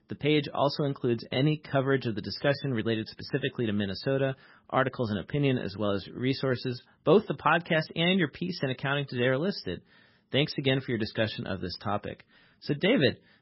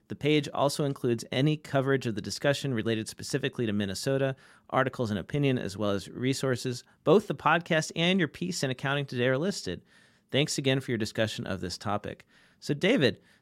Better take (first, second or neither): second